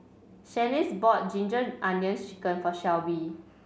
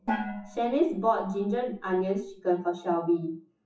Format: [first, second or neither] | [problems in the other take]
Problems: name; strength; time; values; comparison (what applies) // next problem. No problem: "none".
first | noise reduction (classical method WPE with log-MMSE)